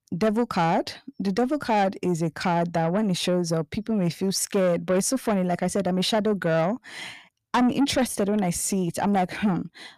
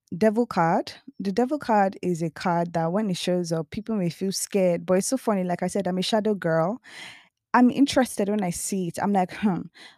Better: second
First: distortion; slight; 10 dB below the speech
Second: none

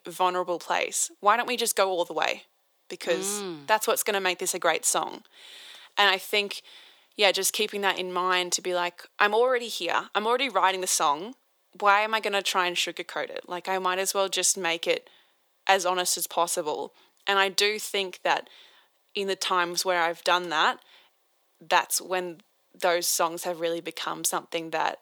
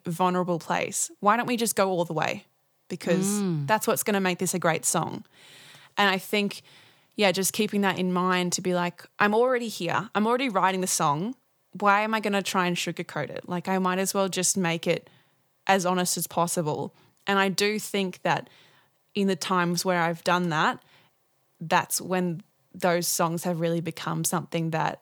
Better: second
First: thin; very; fading below 350 Hz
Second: none

